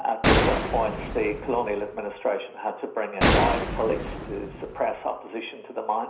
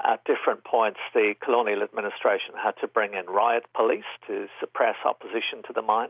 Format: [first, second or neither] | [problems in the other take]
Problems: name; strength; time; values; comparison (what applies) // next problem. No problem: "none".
second | background sound (Gunshot, gunfire); 1 dB above the speech // room echo; dies away in 0.5 s